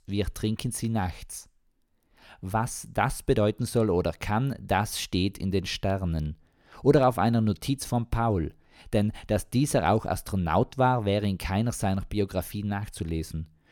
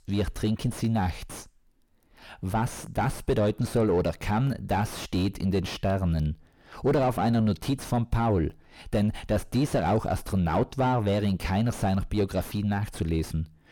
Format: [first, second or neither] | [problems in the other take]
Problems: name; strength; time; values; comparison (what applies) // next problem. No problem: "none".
first | distortion; heavy; 5 dB below the speech